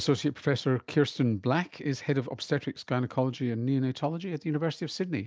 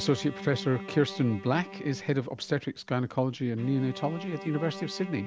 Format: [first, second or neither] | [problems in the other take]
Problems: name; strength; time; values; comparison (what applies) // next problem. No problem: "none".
first | background sound (Bowed string instrument); 13 dB below the speech